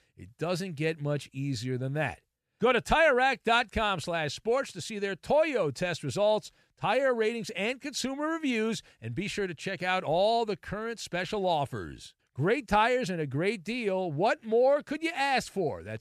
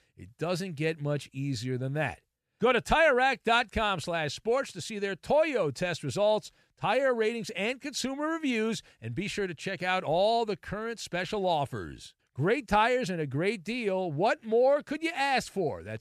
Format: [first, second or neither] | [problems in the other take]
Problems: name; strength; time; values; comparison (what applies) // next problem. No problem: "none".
neither | none